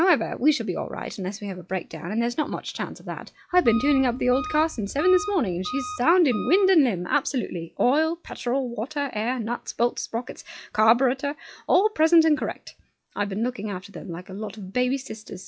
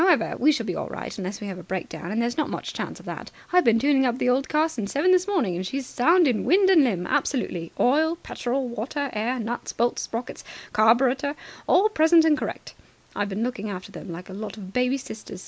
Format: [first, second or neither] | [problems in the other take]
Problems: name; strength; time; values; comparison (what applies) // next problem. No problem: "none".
second | noise reduction (classical method log-MMSE)